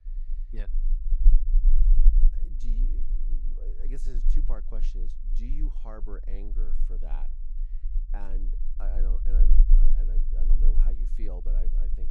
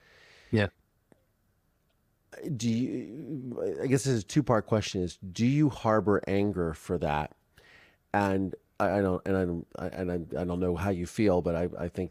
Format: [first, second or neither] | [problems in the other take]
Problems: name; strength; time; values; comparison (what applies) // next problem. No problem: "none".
second | low rumble; loud; throughout; 5 dB below the speech